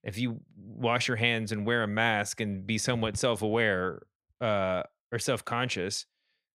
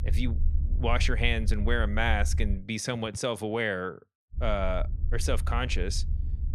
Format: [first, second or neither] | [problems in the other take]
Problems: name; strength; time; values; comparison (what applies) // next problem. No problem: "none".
first | low rumble; noticeable; until 2.5 s and from 4.5 s on; 20 dB below the speech